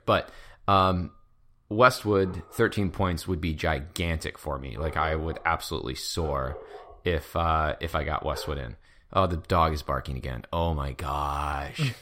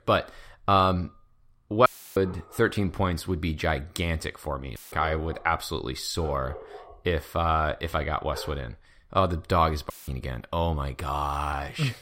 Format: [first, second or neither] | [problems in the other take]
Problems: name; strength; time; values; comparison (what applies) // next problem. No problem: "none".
first | audio cutting out; filled with static; at 2 s, at 5 s and at 10 s